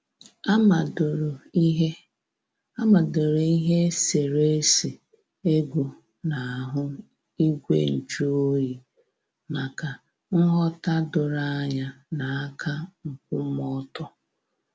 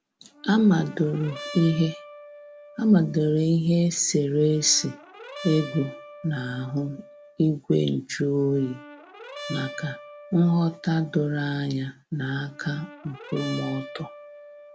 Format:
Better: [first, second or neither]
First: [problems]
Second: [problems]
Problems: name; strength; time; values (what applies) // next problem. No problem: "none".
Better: first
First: none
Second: background sound (Brass instrument); 17 dB below the speech